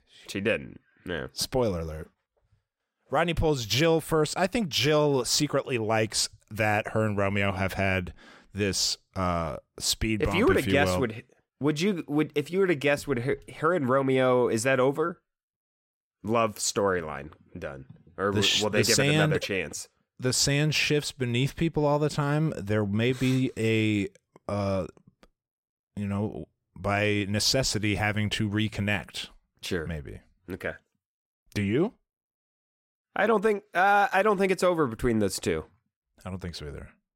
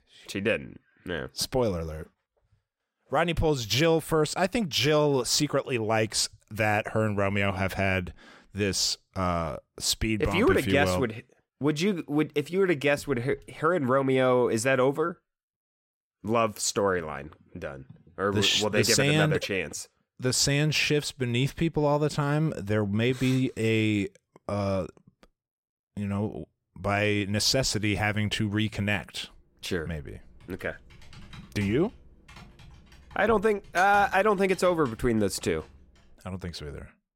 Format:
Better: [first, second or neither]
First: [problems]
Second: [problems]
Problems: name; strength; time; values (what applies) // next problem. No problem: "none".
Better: first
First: none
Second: keyboard typing; faint; from 29 to 36 s; peak 15 dB below the speech